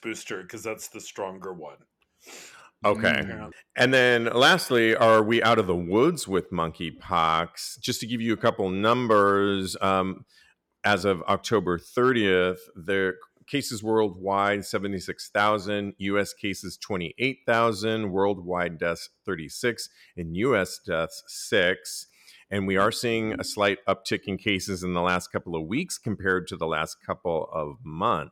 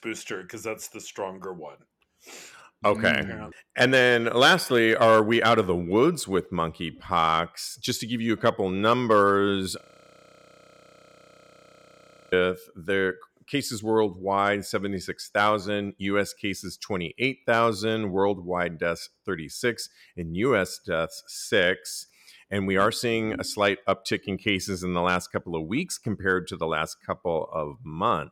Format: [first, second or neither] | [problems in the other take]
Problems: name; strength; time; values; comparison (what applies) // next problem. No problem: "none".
first | audio freezing; at 10 s for 2.5 s